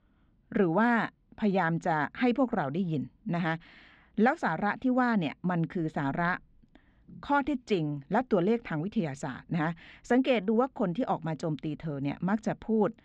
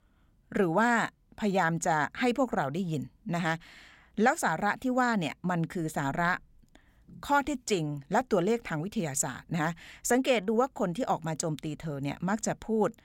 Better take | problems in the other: second | muffled; slightly; fading above 4 kHz

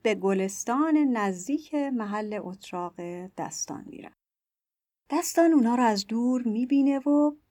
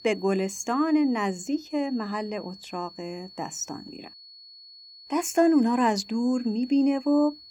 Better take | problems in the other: first | high-pitched whine; noticeable; throughout; 4.5 kHz, 20 dB below the speech

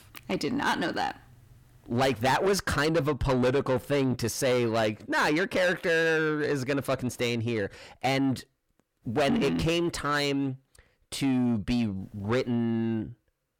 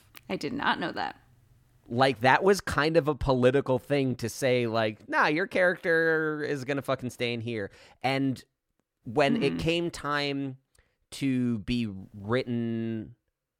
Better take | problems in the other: second | distortion; heavy; 7 dB below the speech

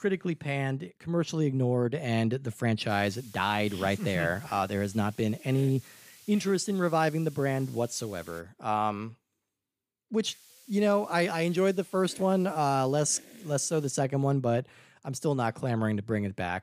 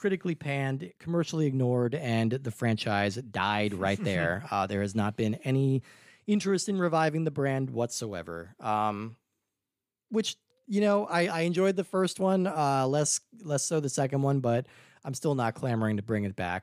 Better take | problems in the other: second | hiss; faint; from 3 to 8.5 s and from 10 to 14 s; 20 dB below the speech

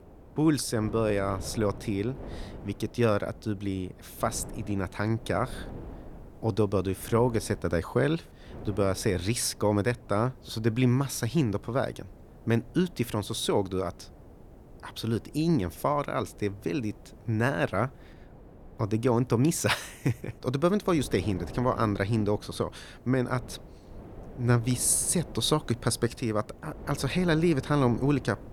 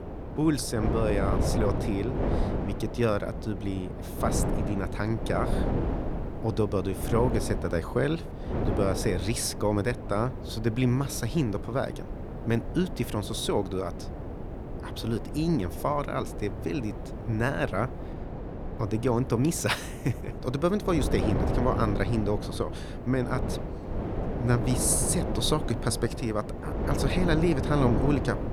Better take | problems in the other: first | wind noise on the microphone; heavy; 6 dB below the speech; occasional gusts in the first

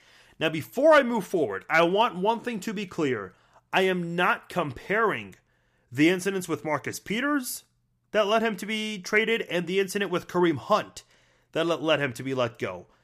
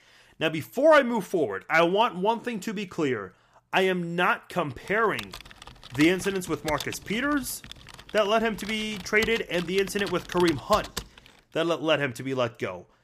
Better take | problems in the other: first | keyboard typing; noticeable; from 5 to 11 s; peak 8 dB below the speech

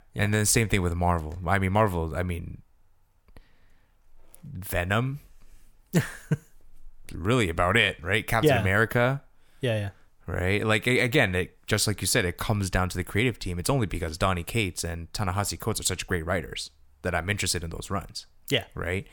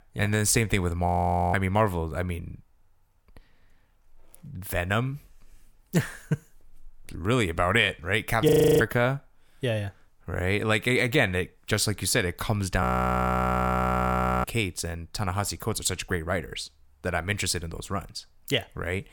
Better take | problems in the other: first | audio freezing; at 1 s, at 8.5 s and at 13 s for 1.5 s

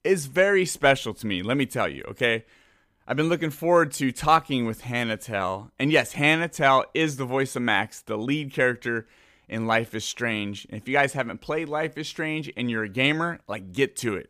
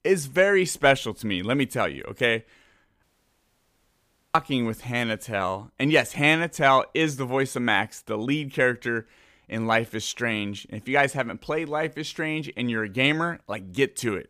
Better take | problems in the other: first | audio cutting out; at 3 s for 1.5 s

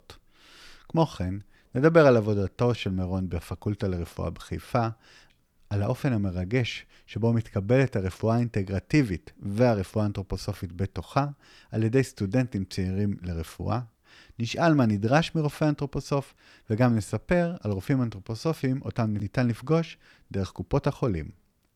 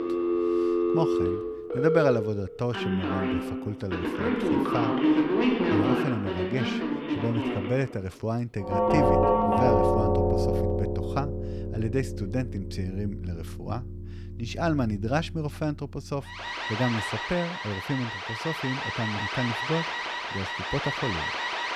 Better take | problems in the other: first | alarms or sirens; very loud; throughout; 4 dB above the speech

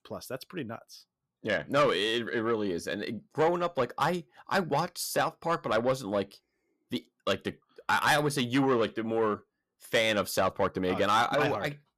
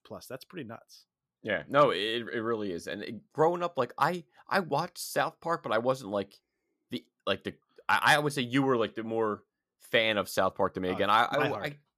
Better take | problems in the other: second | distortion; slight; 10 dB below the speech

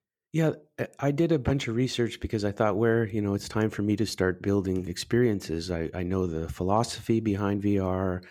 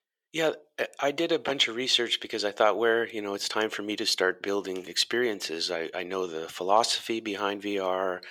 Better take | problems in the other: first | thin; very; fading below 550 Hz

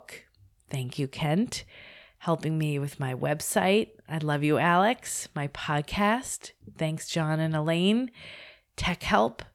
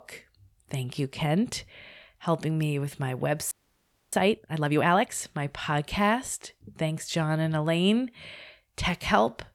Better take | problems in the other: first | audio freezing; at 3.5 s for 0.5 s

